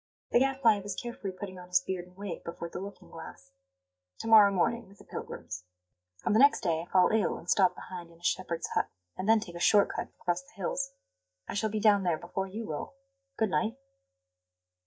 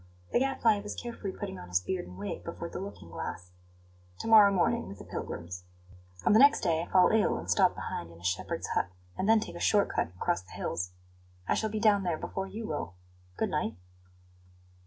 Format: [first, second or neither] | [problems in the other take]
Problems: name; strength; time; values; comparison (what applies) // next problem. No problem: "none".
second | noise reduction (neural mask model DeepFilterNet 3)